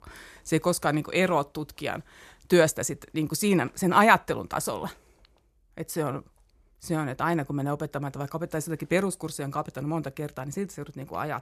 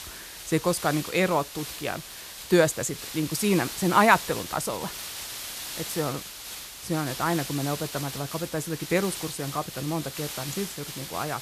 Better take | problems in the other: first | hiss; loud; throughout; 8 dB below the speech

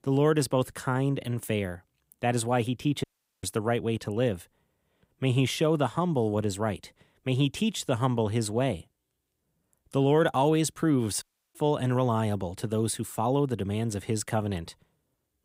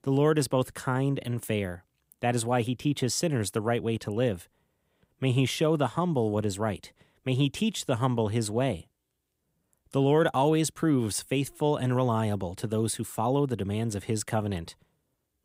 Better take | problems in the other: second | audio cutting out; at 3 s and at 11 s

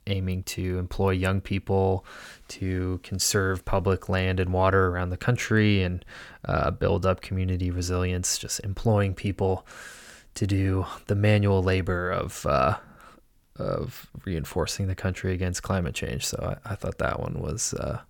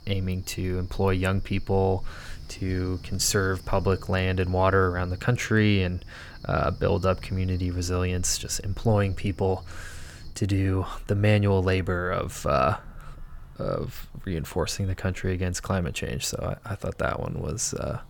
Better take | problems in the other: first | animal sounds; noticeable; throughout; 20 dB below the speech

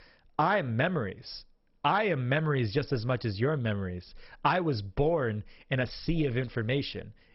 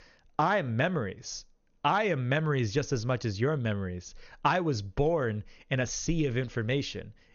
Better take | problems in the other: second | garbled, watery; badly; nothing above 5.5 kHz; slightly in the second

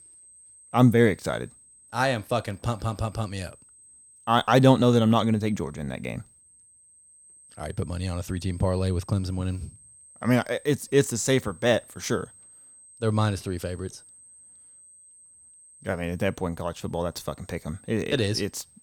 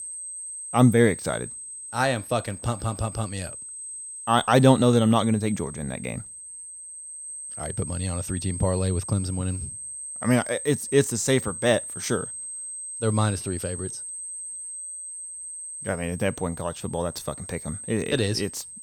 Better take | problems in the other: first | high-pitched whine; loud; throughout; 8.5 kHz, 9 dB below the speech; faint in the first

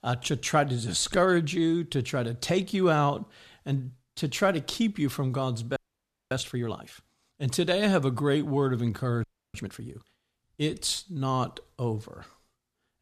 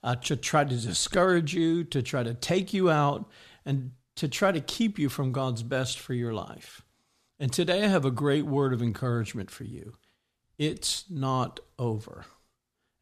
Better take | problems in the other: second | audio freezing; at 6 s for 0.5 s and at 9 s

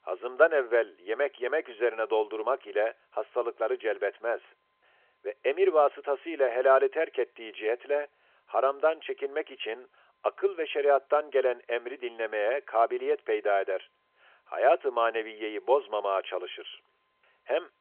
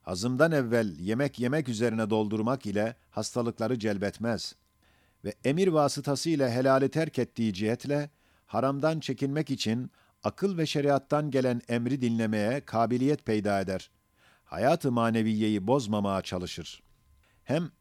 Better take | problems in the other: second | phone-call audio

